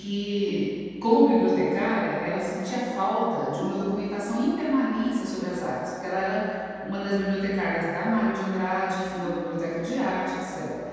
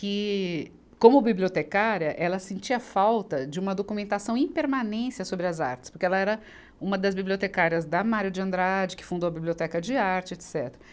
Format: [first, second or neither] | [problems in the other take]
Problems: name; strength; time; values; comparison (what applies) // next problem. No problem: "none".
second | background sound (Ringtone); 14 dB below the speech // room echo; dies away in 2.1 s